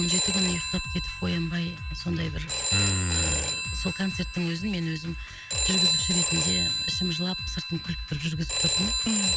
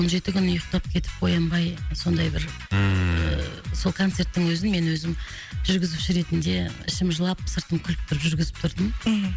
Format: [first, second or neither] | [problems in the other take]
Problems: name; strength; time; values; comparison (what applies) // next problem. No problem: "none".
second | background sound (Telephone); 1 dB above the speech